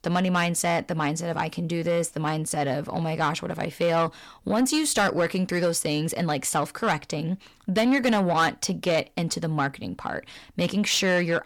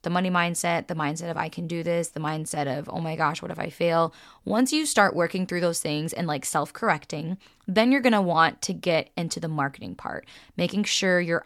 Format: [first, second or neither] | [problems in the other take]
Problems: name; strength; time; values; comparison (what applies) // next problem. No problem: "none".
second | distortion; slight; 10 dB below the speech